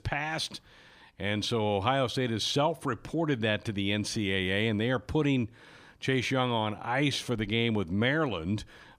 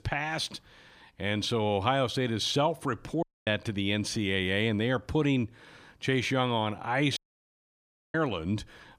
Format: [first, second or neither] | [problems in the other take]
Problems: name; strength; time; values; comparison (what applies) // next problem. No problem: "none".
first | audio cutting out; at 3 s and at 7 s for 1 s